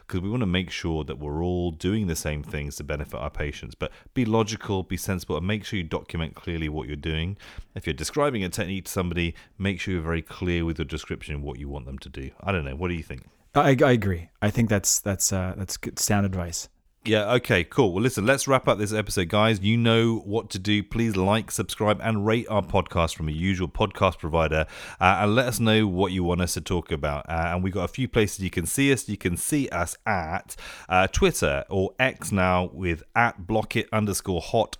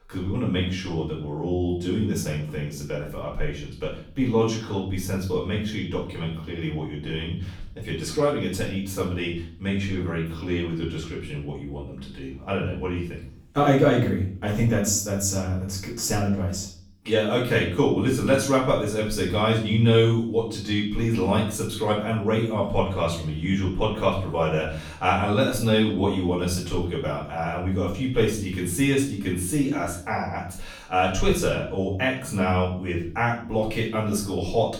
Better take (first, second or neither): first